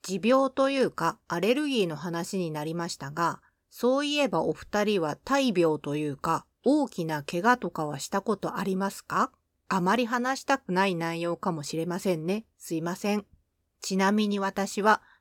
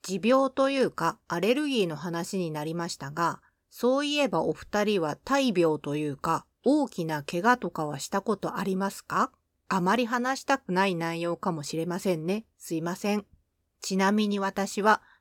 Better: neither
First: none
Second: none

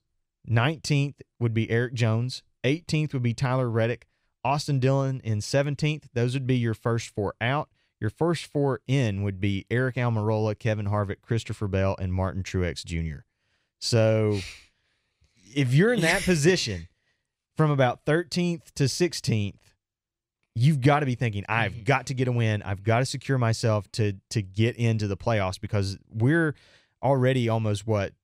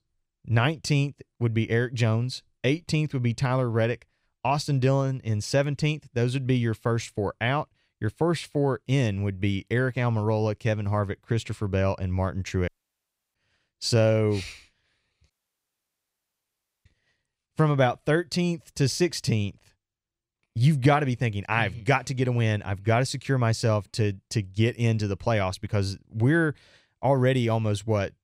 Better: first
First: none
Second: audio cutting out; at 13 s for 0.5 s and at 15 s for 1.5 s

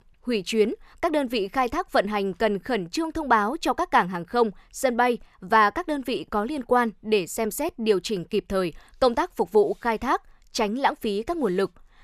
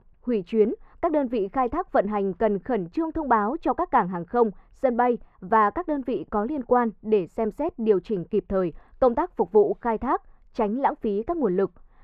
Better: first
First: none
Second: muffled; very; fading above 3 kHz

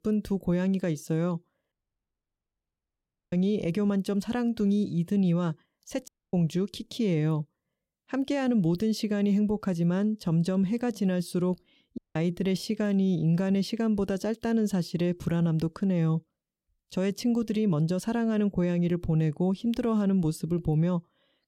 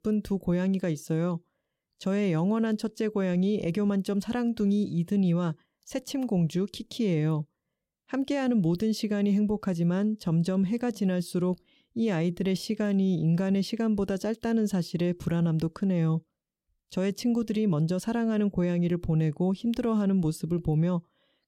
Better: second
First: audio cutting out; at 1.5 s for 1.5 s, at 6 s and at 12 s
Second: none

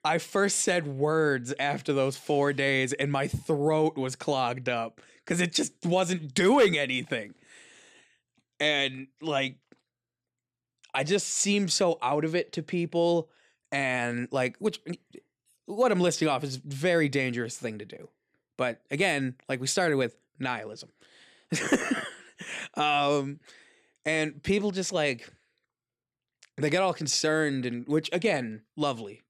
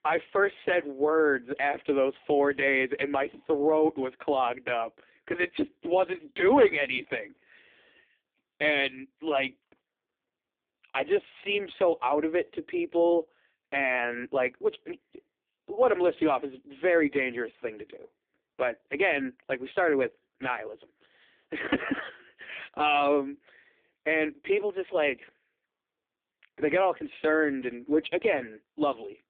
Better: first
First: none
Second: phone-call audio; poor line

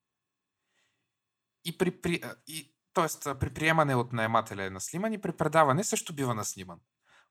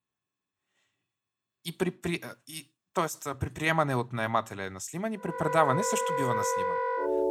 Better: first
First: none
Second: background music; very loud; from 5.5 s on; 1 dB above the speech

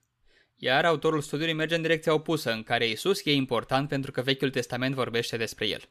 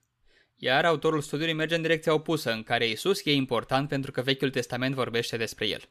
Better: neither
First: none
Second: none

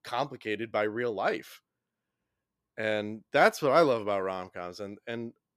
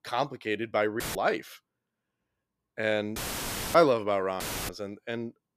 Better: first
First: none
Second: audio cutting out; filled with static; at 1 s, at 3 s for 0.5 s and at 4.5 s

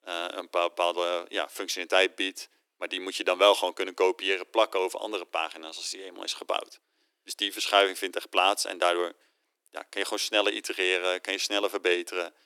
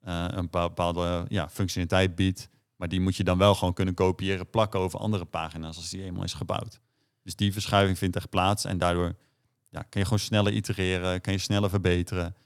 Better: second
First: thin; very; fading below 300 Hz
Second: none

